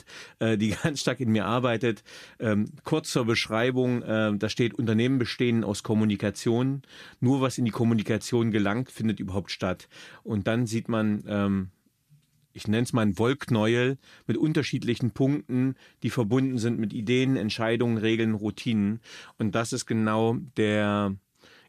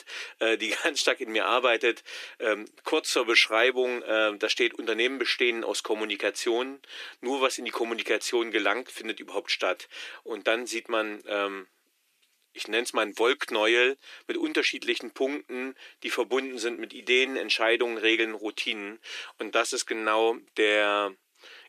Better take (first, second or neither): first